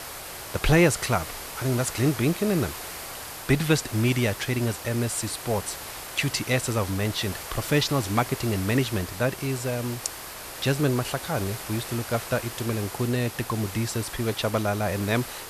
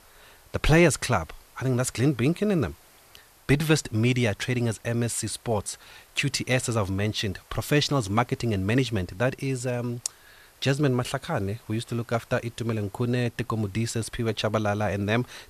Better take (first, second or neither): second